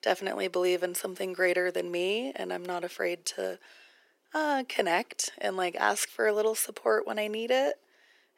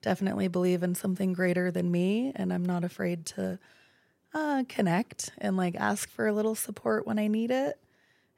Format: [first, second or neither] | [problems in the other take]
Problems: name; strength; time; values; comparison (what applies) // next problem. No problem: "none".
second | thin; very; fading below 350 Hz